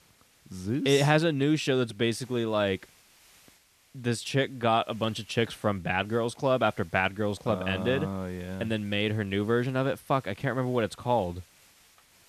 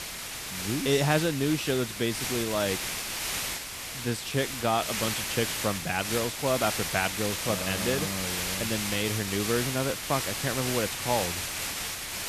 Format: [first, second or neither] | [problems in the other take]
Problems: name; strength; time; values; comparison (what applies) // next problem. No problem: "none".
first | hiss; loud; throughout; 1 dB below the speech; faint in the first